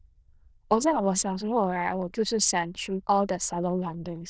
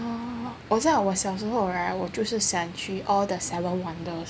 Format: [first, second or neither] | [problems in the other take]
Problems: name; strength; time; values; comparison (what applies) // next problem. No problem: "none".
second | noise reduction (neural diffusion model UNIVERSE++)